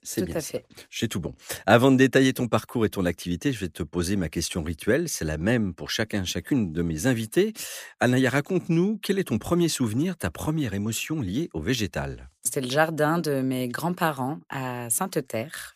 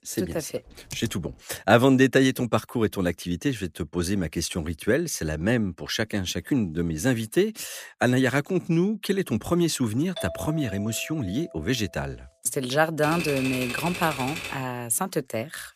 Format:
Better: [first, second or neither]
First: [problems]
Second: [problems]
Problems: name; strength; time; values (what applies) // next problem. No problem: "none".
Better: first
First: none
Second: keyboard typing; faint; at 0.5 s; peak 15 dB below the speech // doorbell; noticeable; from 10 to 12 s; peak 10 dB below the speech // keyboard typing; noticeable; from 13 to 15 s; peak 5 dB below the speech